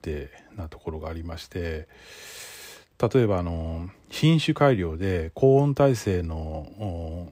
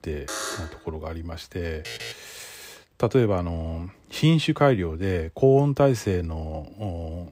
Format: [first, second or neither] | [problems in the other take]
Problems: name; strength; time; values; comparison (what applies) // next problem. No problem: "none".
first | alarm; noticeable; at 0.5 s; peak 6 dB below the speech // alarm; faint; at 2 s; peak 10 dB below the speech